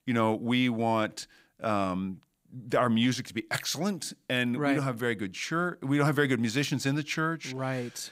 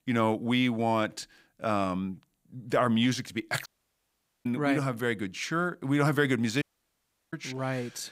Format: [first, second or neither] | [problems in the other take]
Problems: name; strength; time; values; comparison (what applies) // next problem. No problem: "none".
first | audio cutting out; at 3.5 s for 1 s and at 6.5 s for 0.5 s